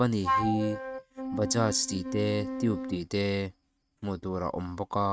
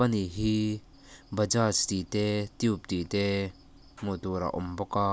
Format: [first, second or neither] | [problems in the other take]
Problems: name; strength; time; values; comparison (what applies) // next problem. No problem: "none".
second | noise reduction (neural mask model RNNoise)